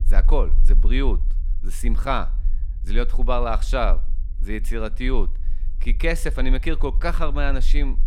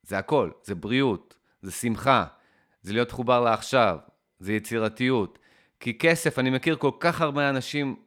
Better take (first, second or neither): second